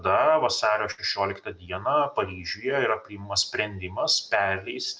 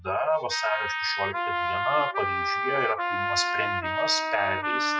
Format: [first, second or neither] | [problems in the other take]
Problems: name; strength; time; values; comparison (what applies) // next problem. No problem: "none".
first | noise reduction (classical method Wiener filter)